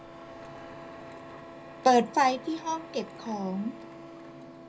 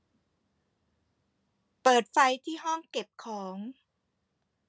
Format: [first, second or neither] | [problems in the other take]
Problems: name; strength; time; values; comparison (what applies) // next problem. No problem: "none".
second | background sound (Printer); 14 dB below the speech // room echo; dies away in 0.4 s